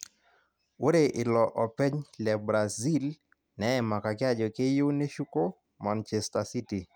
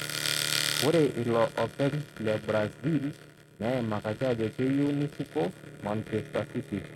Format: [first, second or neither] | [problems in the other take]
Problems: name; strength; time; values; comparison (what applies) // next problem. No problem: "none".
first | noise reduction (neural mask model RNNoise)